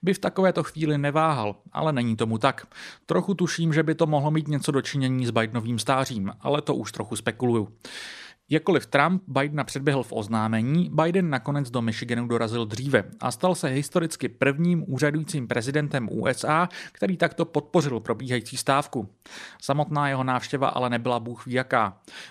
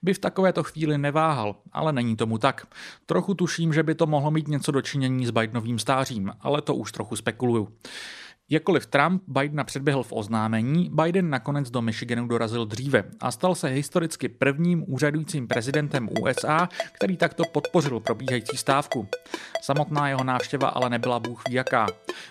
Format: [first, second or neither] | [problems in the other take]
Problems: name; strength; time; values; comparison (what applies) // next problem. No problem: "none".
first | phone ringing; noticeable; from 16 s on; peak 7 dB below the speech